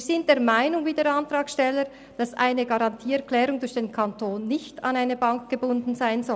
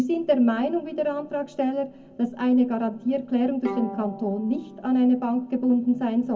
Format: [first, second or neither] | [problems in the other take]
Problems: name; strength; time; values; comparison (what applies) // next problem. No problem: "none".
first | background sound (Bowed string instrument); 19 dB below the speech // room echo; dies away in 0.3 s